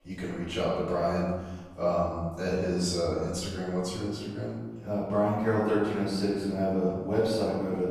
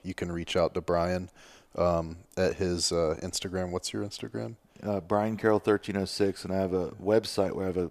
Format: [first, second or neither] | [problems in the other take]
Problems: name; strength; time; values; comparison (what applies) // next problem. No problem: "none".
second | room echo; strong; dies away in 1.3 s // off-mic speech; far